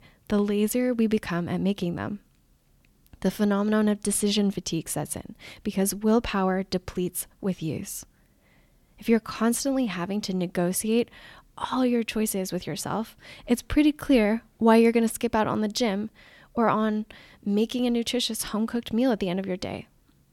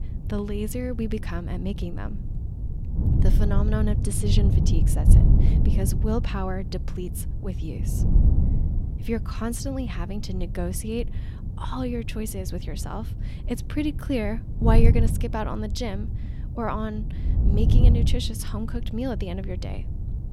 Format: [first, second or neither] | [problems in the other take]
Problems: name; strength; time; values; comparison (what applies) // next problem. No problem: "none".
first | wind noise on the microphone; heavy; 7 dB below the speech